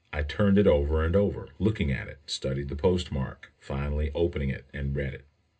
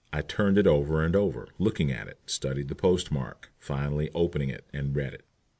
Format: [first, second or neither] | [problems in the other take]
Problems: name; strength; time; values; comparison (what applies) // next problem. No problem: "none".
second | room echo; dies away in 0.2 s